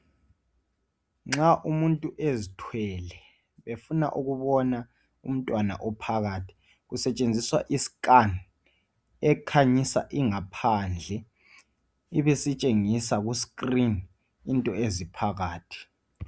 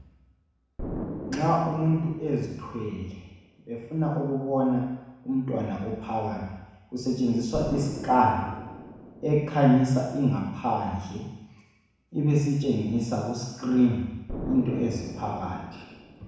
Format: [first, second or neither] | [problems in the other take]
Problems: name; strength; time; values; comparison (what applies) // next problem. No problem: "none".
first | background sound (Explosion); 14 dB below the speech // room echo; dies away in 1.1 s